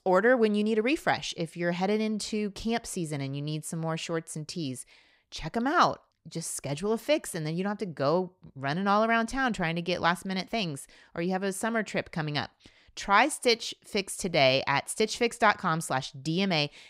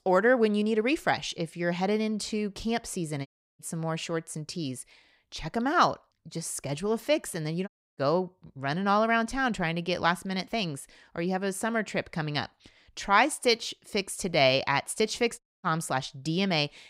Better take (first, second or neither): first